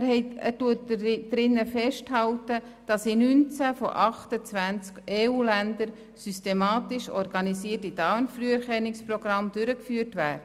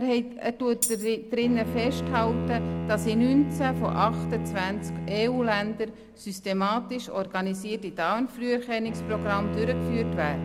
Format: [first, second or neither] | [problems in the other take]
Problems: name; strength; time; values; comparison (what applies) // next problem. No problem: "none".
first | background sound (Bowed string instrument + Tambourine); 5 dB below the speech